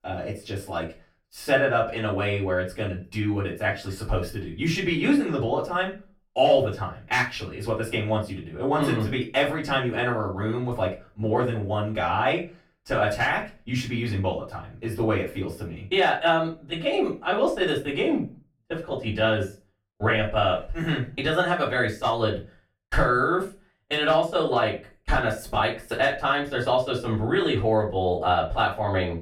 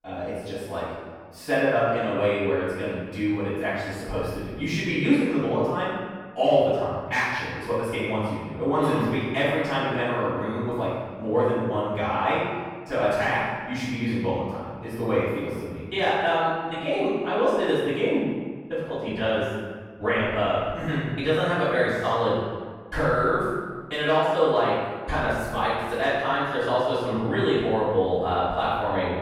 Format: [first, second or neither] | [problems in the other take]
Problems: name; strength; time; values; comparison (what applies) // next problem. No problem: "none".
first | room echo; strong; dies away in 1.4 s; slight in the first // off-mic speech; far; far in the first